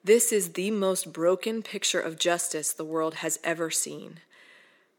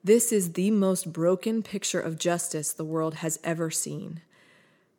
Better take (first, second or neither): second